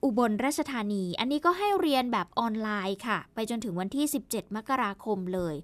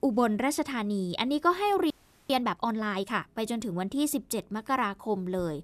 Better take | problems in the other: first | audio freezing; at 2 s

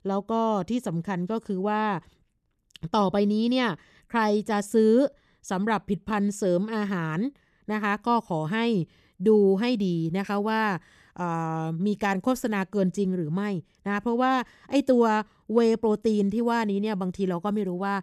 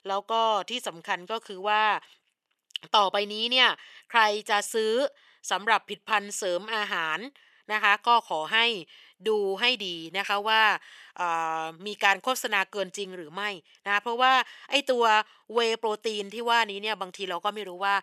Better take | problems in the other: first | thin; very; fading below 750 Hz

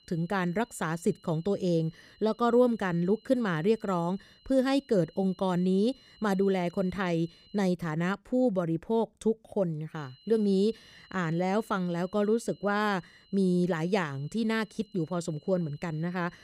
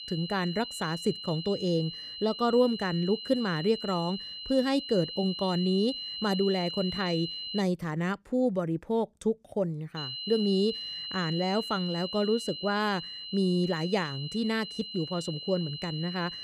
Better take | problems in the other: first | high-pitched whine; loud; until 7.5 s and from 10 s on; 4 kHz, 7 dB below the speech; faint in the first

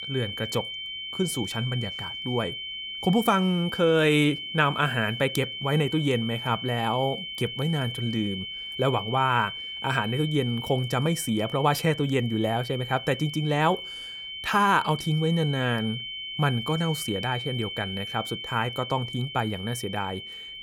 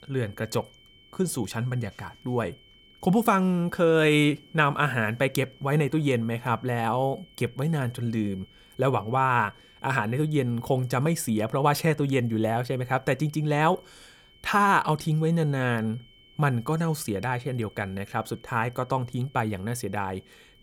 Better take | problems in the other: second | high-pitched whine; loud; throughout; 3 kHz, 7 dB below the speech; faint in the second

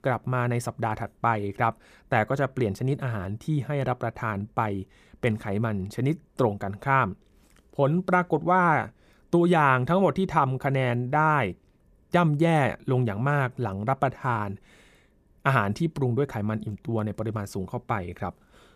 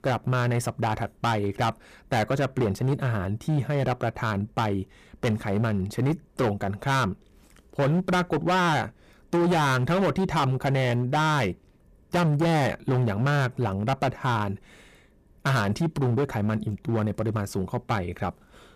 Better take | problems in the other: first | distortion; heavy; 13% of the sound clipped

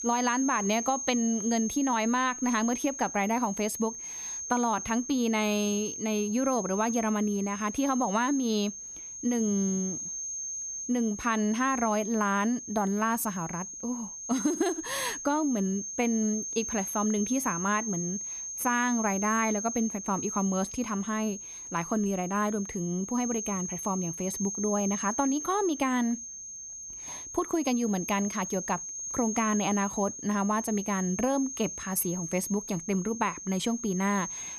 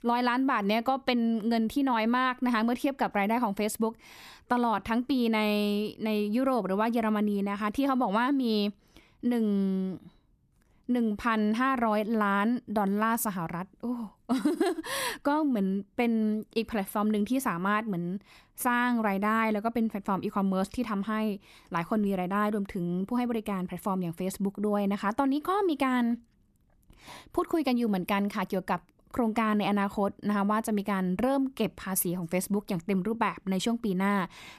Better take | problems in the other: second | high-pitched whine; loud; throughout; 6.5 kHz, 6 dB below the speech

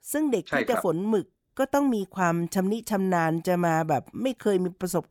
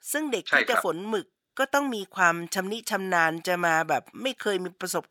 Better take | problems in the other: first | thin; somewhat; fading below 550 Hz

